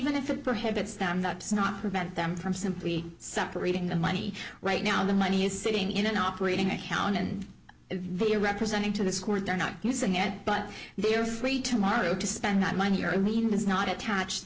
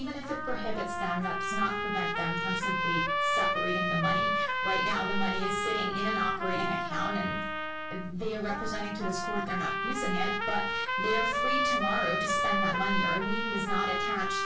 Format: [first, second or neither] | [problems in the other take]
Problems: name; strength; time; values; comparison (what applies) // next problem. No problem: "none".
first | background sound (Trumpet); 2 dB above the speech // room echo; dies away in 0.2 s